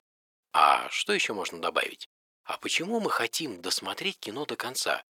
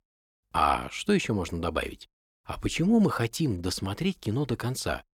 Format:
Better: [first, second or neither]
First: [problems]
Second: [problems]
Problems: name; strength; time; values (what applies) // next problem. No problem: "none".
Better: second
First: thin; very; fading below 500 Hz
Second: none